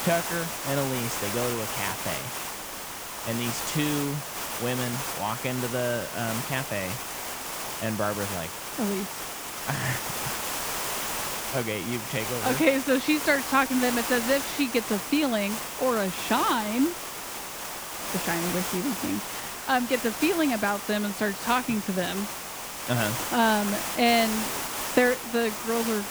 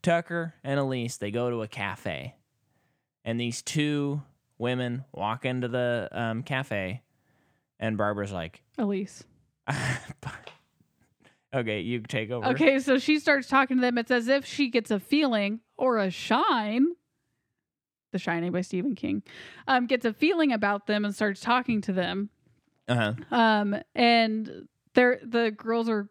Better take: second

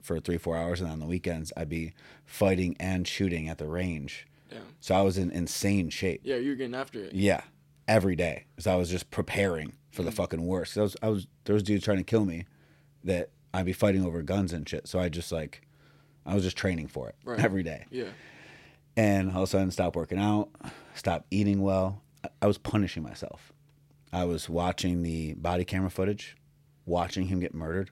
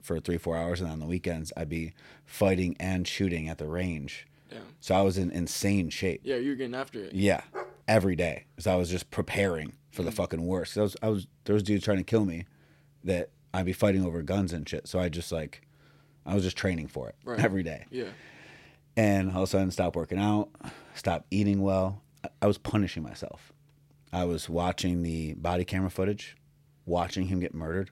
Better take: first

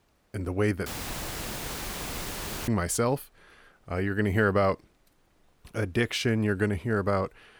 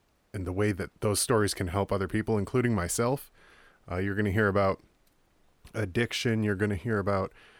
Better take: second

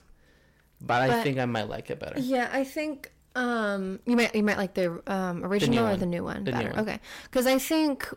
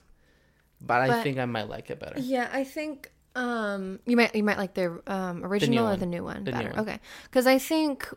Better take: second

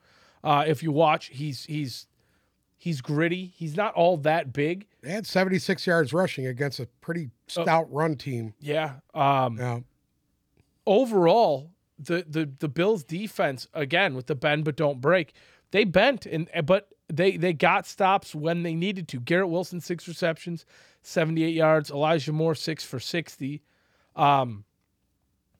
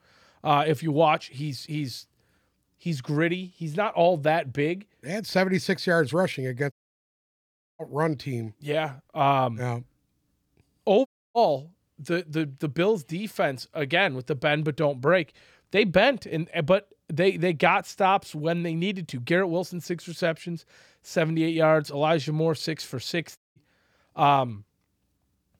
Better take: first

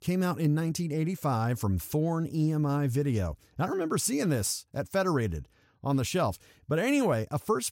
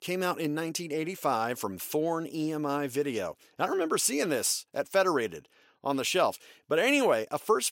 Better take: first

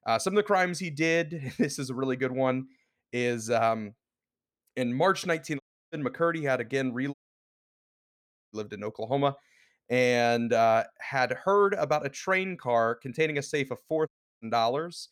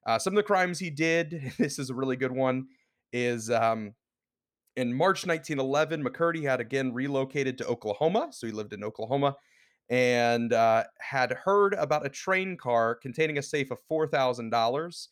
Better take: second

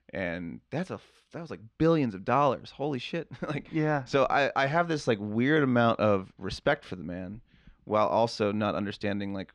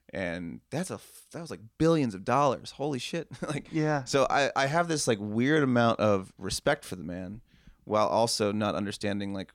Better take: second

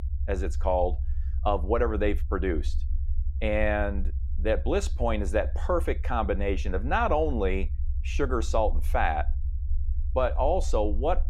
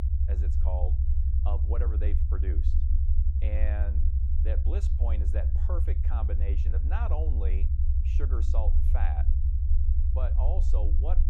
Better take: first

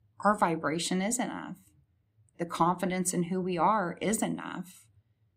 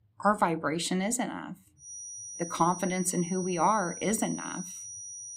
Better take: first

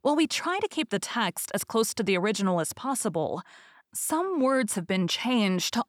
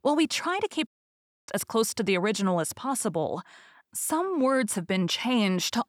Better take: first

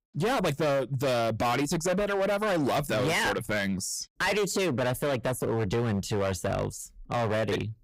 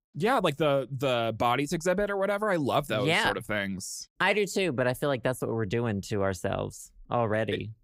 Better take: second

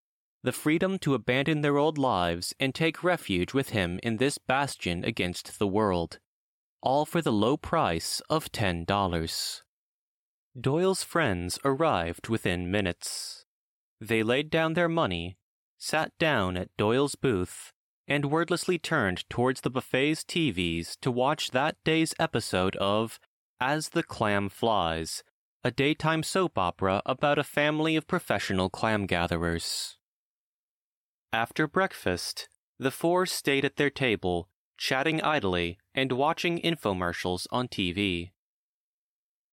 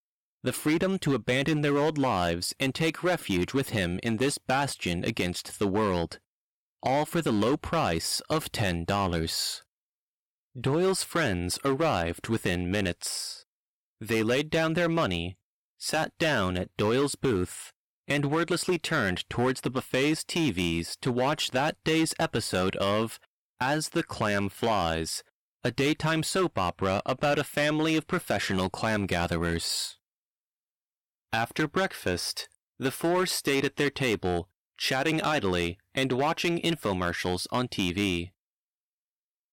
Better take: first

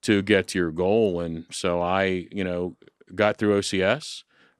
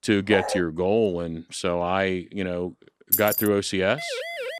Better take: first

